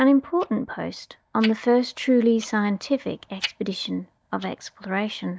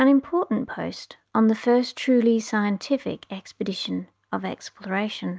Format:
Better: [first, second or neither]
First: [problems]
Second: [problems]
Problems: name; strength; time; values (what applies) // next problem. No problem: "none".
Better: second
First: noise reduction (neural mask model DeepFilterNet 3)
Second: none